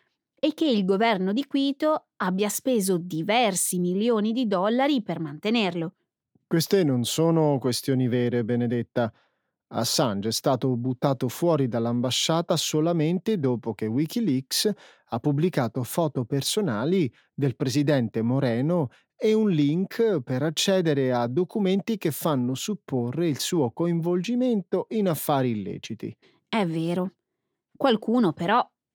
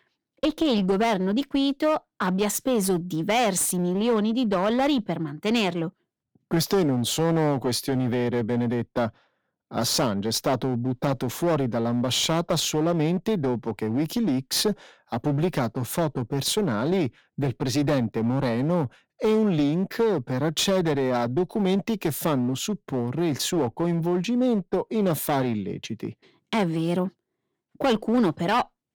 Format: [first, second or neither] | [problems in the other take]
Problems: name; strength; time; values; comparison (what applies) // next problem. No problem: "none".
first | distortion; slight; 11% of the sound clipped